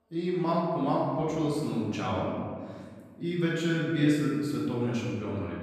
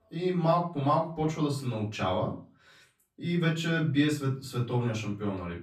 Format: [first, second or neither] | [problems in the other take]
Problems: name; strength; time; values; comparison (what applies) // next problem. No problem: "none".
second | room echo; strong; dies away in 1.7 s; slight in the second // off-mic speech; far; far in the second